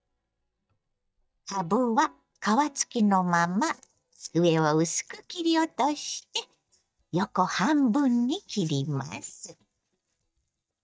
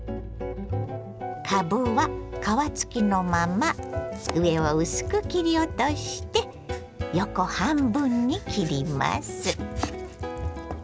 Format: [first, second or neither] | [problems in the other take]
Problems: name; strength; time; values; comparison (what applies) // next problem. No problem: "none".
second | noise reduction (neural mask model DeepFilterNet 3)